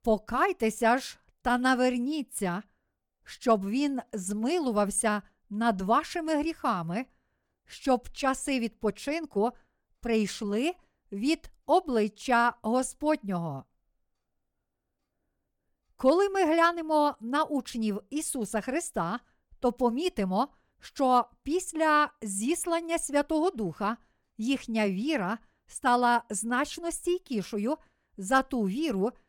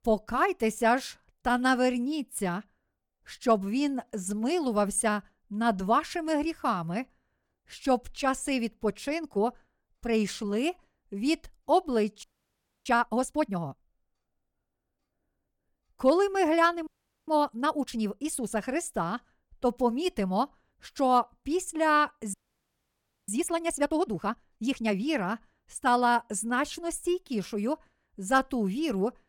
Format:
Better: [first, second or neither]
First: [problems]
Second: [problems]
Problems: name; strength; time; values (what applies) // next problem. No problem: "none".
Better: first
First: none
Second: audio freezing; at 12 s for 0.5 s, at 17 s and at 22 s for 1 s